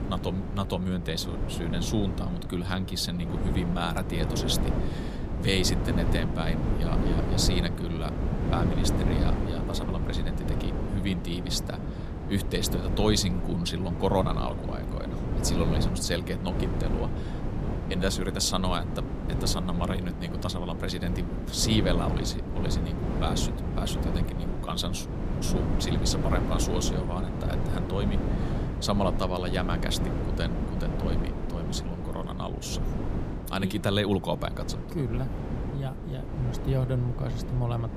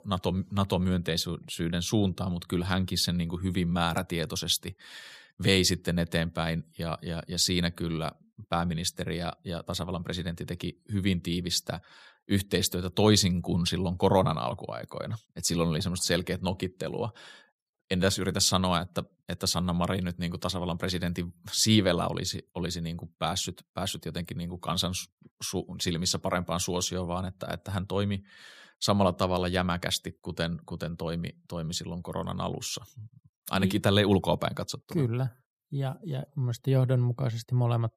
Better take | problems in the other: second | wind noise on the microphone; heavy; 5 dB below the speech

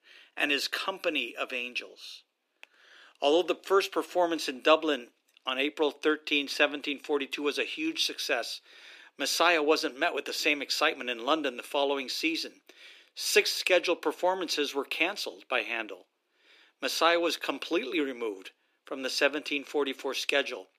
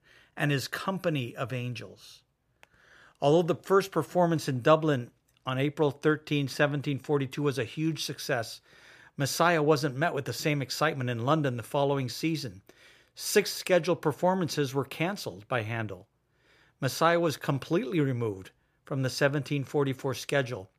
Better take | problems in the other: second | thin; somewhat; fading below 300 Hz

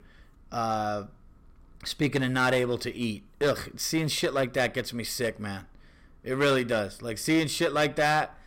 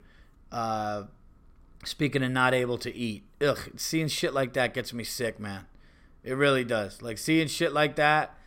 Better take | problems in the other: second | distortion; slight; 4% of the sound clipped

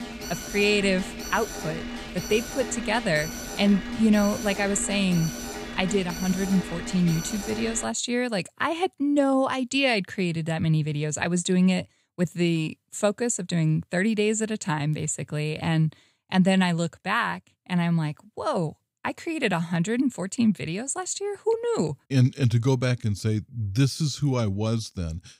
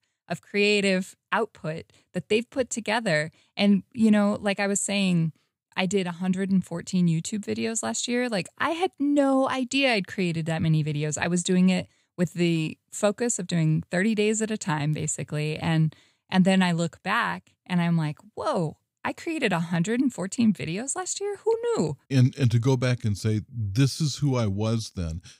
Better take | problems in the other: second | alarm; noticeable; until 8 s; peak 8 dB below the speech

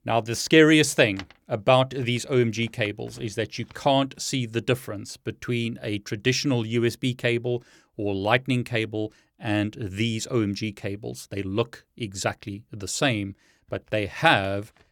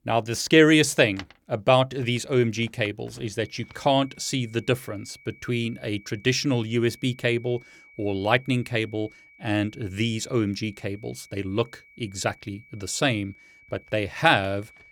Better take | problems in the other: first | high-pitched whine; faint; from 3.5 s on; 2.5 kHz, 25 dB below the speech

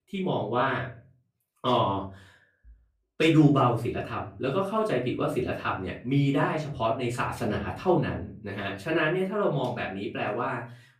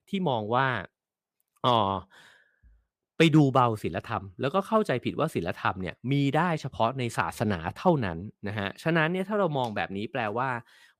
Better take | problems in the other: second | off-mic speech; far // room echo; slight; dies away in 0.3 s

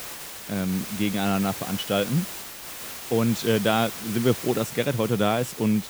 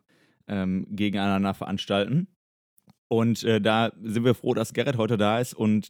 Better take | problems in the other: second | hiss; loud; throughout; 9 dB below the speech

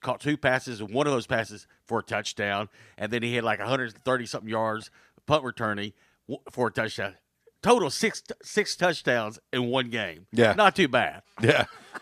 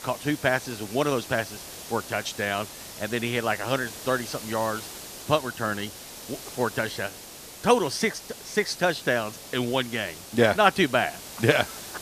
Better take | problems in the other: first | hiss; noticeable; throughout; 15 dB below the speech

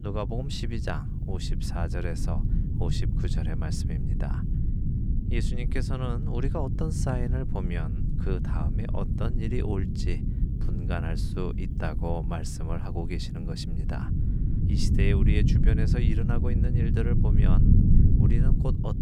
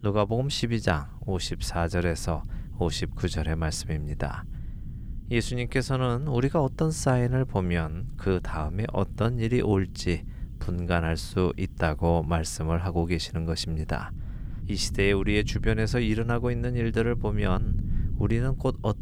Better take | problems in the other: second | low rumble; loud; throughout; 2 dB below the speech; faint in the second

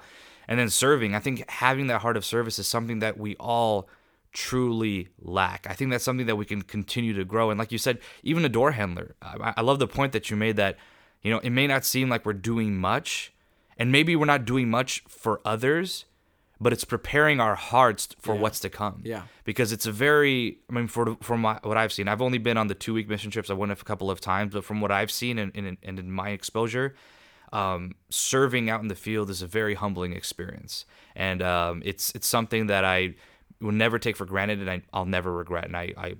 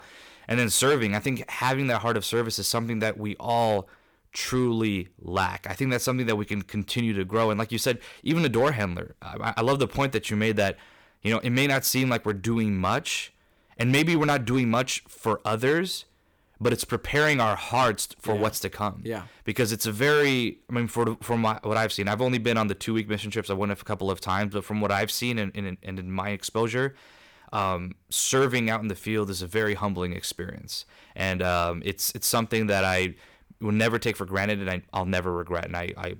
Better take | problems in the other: first | distortion; slight; 3% of the sound clipped

